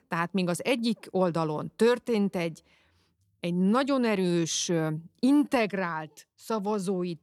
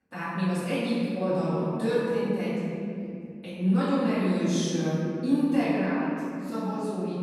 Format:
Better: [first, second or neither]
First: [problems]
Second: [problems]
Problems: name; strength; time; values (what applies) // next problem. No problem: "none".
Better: first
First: none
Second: room echo; strong; dies away in 2.9 s // off-mic speech; far